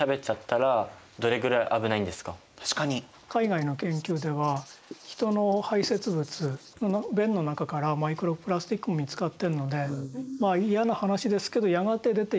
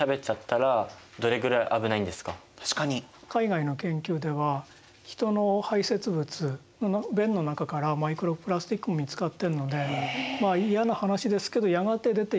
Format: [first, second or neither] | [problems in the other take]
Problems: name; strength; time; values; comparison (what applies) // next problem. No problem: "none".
second | noise reduction (neural mask model Resemble Enhance denoiser)